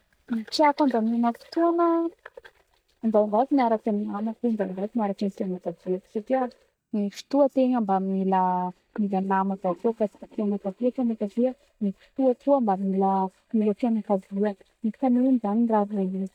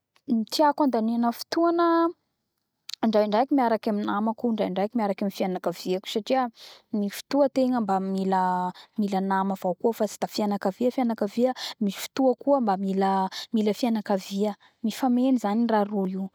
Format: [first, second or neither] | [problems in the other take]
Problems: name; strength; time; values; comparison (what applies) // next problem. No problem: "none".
second | noise reduction (neural mask model DeepFilterNet 3)